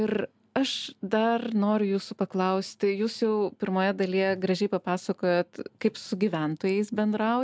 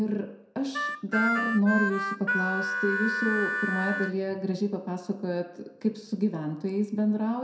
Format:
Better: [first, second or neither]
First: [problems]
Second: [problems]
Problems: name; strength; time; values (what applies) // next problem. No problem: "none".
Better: first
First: none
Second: background sound (Harmonica); 1 dB below the speech // room echo; dies away in 0.6 s